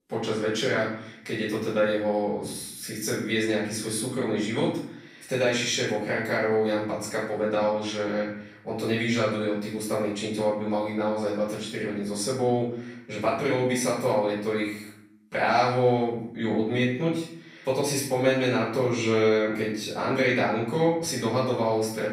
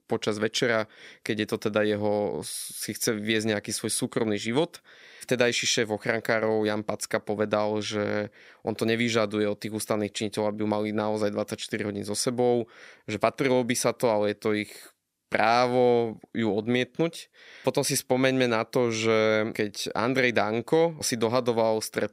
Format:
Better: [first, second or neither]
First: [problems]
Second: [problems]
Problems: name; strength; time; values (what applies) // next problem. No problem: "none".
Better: second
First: off-mic speech; far // room echo; noticeable; dies away in 0.6 s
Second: none